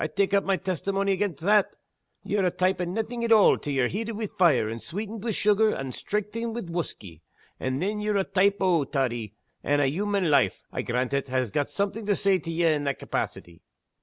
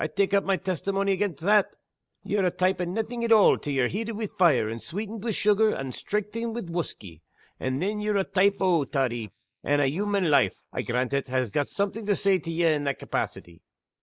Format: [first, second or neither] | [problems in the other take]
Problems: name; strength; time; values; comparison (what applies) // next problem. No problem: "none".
first | noise reduction (neural mask model Resemble Enhance denoiser)